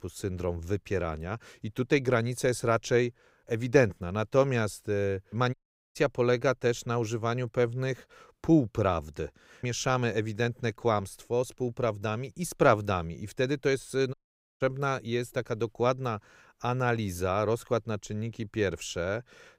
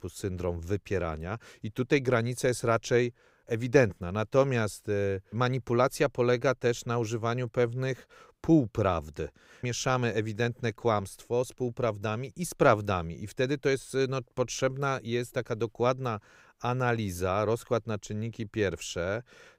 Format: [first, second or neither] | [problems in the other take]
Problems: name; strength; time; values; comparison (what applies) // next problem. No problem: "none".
second | audio cutting out; at 5.5 s and at 14 s